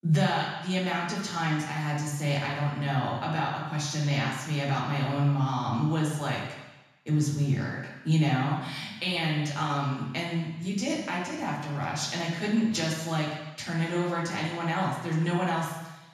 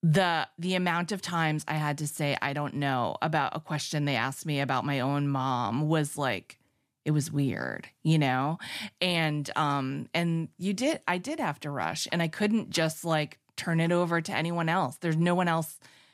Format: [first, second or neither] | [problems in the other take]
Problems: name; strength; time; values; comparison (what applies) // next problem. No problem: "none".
second | room echo; noticeable; dies away in 1.1 s // off-mic speech; far